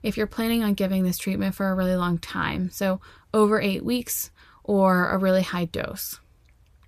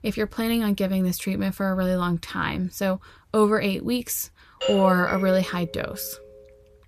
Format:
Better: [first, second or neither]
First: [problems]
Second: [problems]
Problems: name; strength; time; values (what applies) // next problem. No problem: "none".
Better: first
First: none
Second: doorbell; noticeable; at 4.5 s; peak 2 dB below the speech